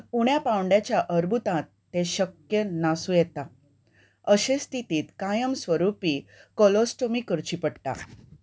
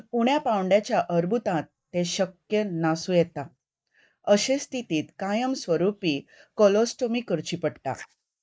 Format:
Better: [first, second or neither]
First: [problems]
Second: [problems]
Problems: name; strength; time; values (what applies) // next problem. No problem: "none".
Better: first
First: none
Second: noise reduction (neural mask model Resemble Enhance denoiser)